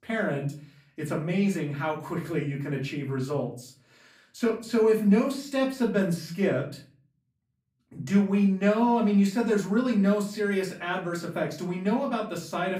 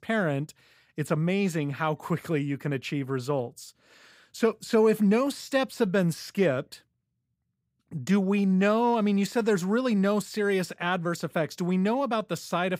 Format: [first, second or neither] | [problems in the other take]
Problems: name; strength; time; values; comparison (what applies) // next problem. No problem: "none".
second | off-mic speech; far // room echo; slight; dies away in 0.4 s